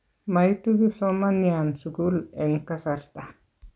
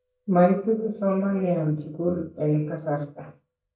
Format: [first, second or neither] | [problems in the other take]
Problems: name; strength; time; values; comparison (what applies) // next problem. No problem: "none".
first | noise reduction (neural mask model DeepFilterNet 3)